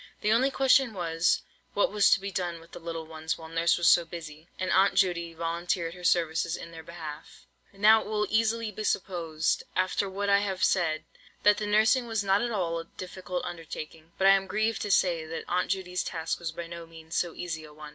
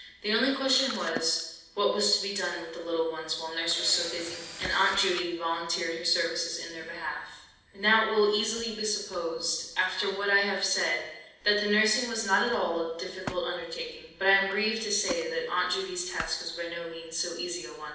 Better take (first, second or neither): first